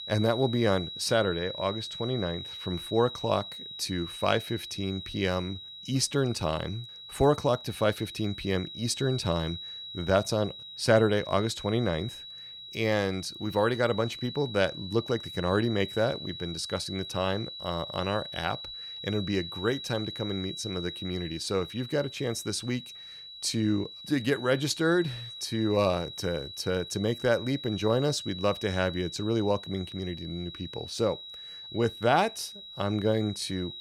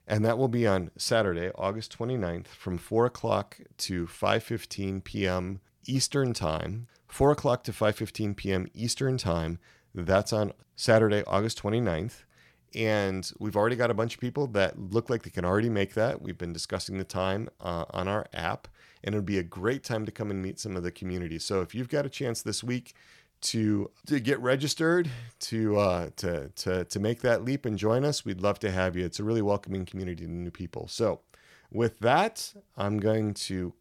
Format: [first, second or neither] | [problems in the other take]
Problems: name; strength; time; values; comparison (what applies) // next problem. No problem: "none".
second | high-pitched whine; loud; throughout; 4 kHz, 10 dB below the speech